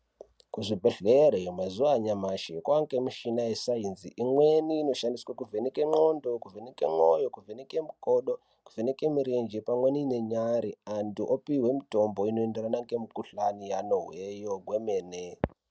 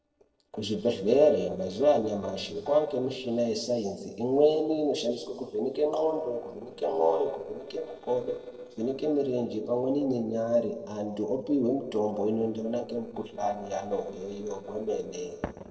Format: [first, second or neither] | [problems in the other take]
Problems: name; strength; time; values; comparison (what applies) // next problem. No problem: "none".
first | noise reduction (neural separator model SepFormer DNS4)